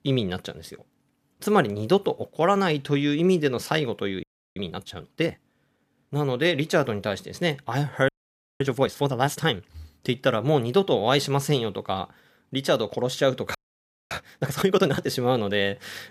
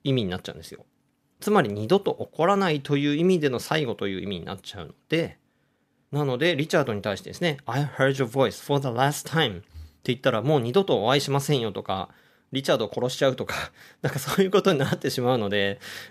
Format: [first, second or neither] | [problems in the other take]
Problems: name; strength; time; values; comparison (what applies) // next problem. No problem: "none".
second | audio freezing; at 4 s, at 8 s for 0.5 s and at 14 s for 0.5 s